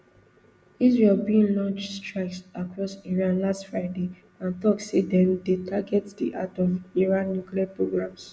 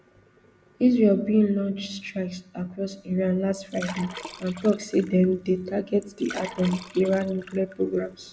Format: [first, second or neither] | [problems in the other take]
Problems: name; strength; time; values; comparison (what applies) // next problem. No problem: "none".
first | background sound (Liquid); 17 dB below the speech